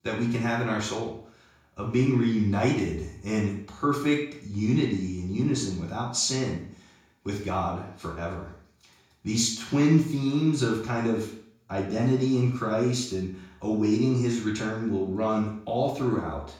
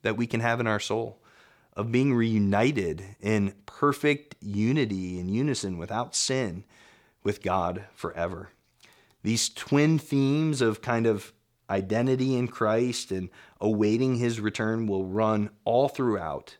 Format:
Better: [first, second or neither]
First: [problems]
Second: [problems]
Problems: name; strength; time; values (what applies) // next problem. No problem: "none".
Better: second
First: room echo; noticeable; dies away in 0.5 s // off-mic speech; far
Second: none